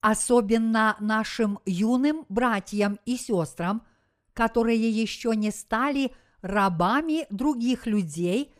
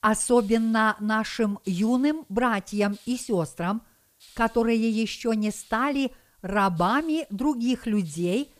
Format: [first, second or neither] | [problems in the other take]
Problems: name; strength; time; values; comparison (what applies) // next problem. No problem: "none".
first | hiss; faint; throughout; 30 dB below the speech